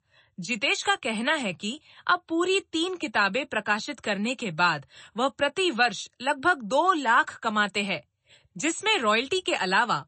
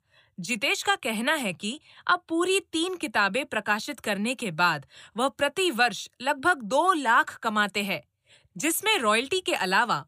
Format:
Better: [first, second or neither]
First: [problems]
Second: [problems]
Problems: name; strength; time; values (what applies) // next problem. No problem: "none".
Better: second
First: garbled, watery; slightly; nothing above 8 kHz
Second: none